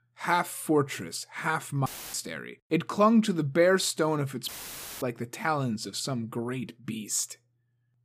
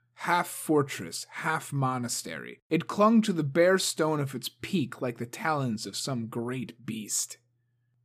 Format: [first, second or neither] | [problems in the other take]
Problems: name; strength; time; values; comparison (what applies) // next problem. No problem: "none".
second | audio cutting out; filled with static; at 2 s and at 4.5 s for 0.5 s